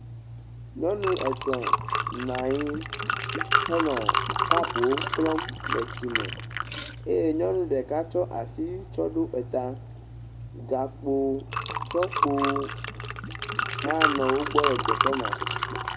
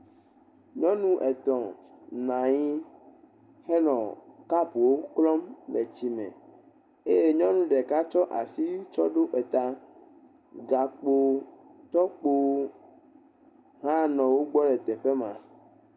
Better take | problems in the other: second | background sound (Liquid); 1 dB below the speech

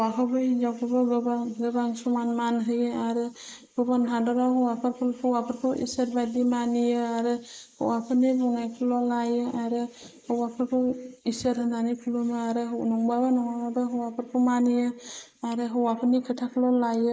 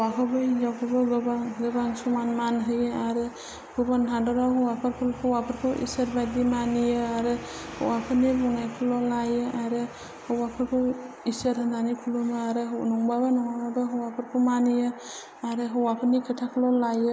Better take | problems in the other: second | noise reduction (neural mask model Resemble Enhance denoiser)

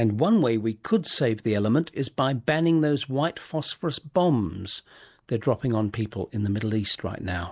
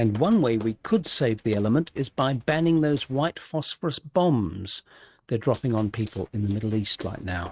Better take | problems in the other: first | noise reduction (neural mask model RNNoise)

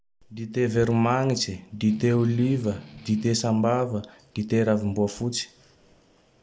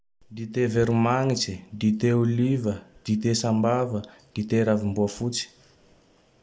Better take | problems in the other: second | background sound (Strum); 19 dB below the speech

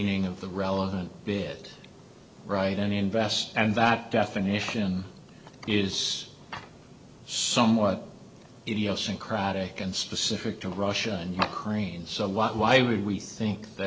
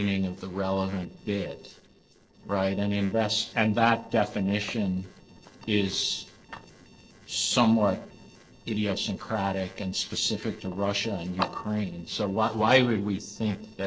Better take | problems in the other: first | noise reduction (neural separator model SepFormer DNS4)

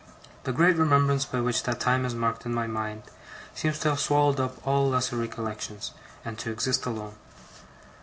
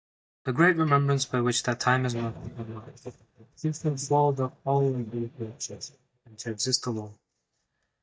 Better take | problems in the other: first | noise reduction (neural mask model DeepFilterNet 3)

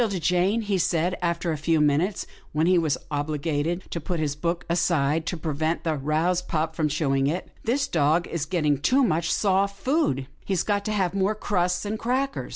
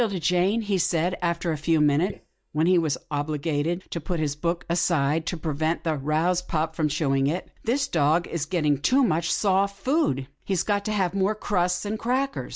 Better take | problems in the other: first | noise reduction (neural mask model DeepFilterNet 3)

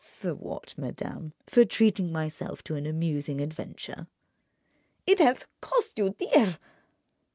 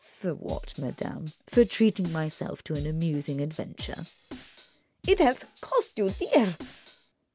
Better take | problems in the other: first | background sound (Drum kit); 16 dB below the speech

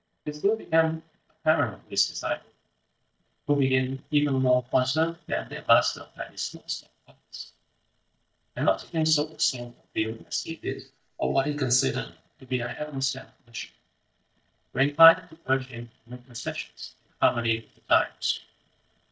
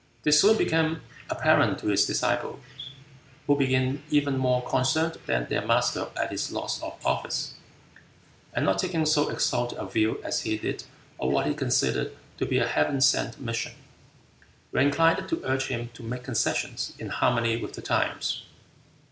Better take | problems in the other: second | noise reduction (neural mask model DeepFilterNet 3)

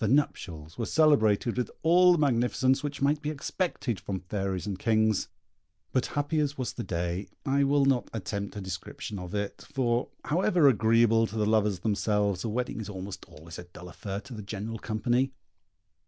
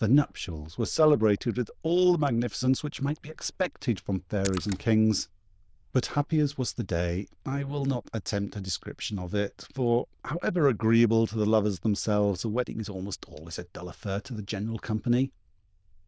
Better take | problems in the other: first | noise reduction (neural diffusion model UNIVERSE++)

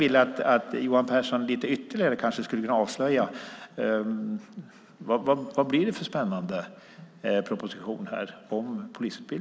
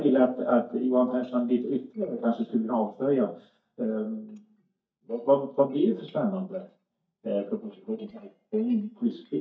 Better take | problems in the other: first | noise reduction (neural mask model DeepFilterNet 3)

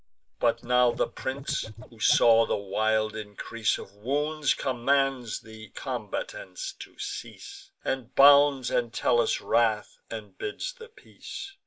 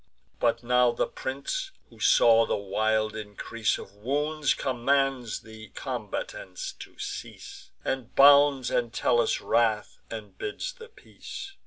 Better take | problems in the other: second | noise reduction (neural mask model Resemble Enhance denoiser)

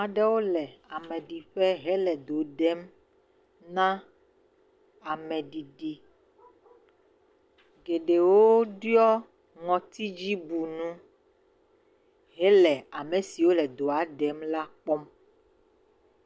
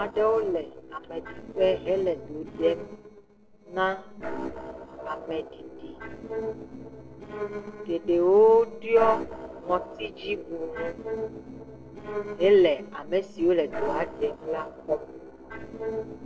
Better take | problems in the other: first | noise reduction (neural separator model SepFormer DNS4)

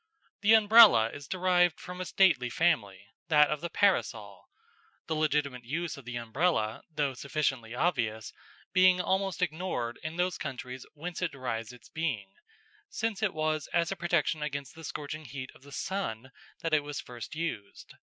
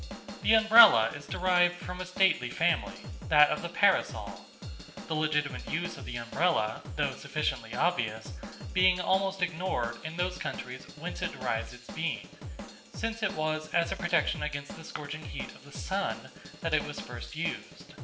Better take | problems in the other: first | background sound (Drum / Drum kit); 11 dB below the speech // room echo; dies away in 0.7 s

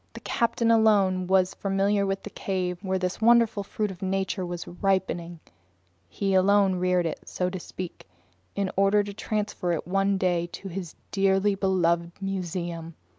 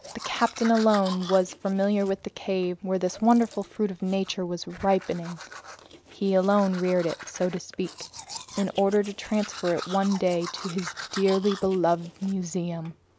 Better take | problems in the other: first | background sound (Domestic sounds, home sounds); 16 dB below the speech

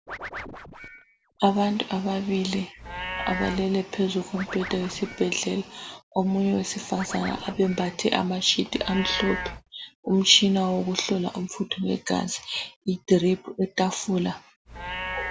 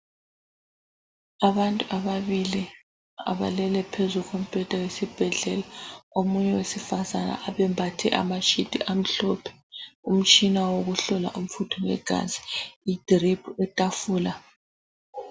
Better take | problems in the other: second | background sound (Scratching (performance technique) + Livestock, farm animals, working animals); 13 dB below the speech

